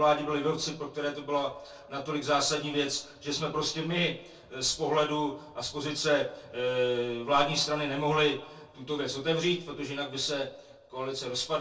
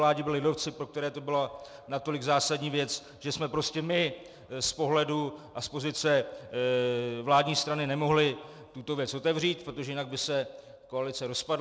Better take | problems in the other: second | room echo; dies away in 0.2 s

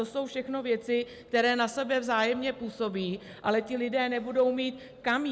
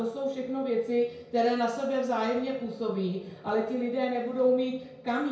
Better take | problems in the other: first | room echo; dies away in 0.6 s

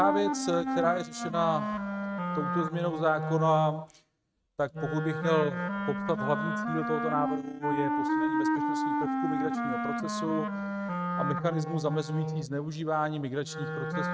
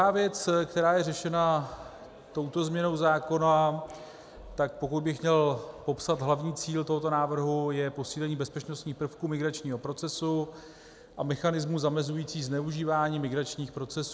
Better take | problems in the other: second | noise reduction (neural mask model RNNoise)

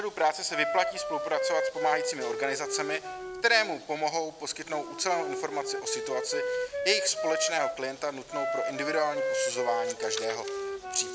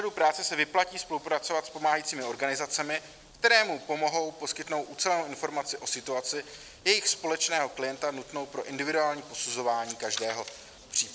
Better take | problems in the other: second | background sound (Wind instrument, woodwind instrument); 3 dB below the speech

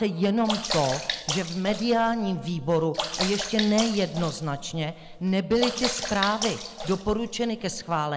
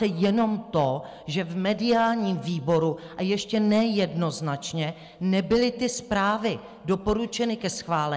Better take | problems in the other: second | background sound (Sink (filling or washing) / Water / Splash, splatter); 7 dB below the speech

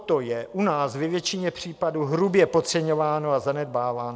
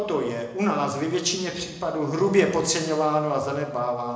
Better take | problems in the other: first | room echo; dies away in 0.9 s

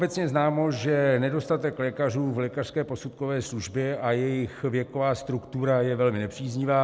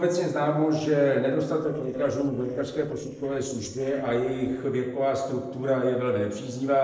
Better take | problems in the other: first | noise reduction (neural separator model SepFormer DNS4)

